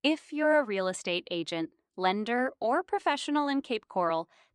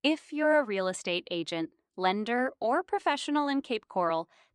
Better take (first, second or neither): neither